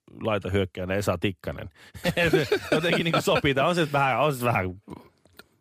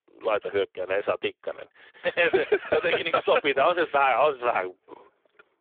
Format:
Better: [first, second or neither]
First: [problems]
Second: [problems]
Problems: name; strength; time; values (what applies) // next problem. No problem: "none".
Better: first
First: none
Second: phone-call audio; poor line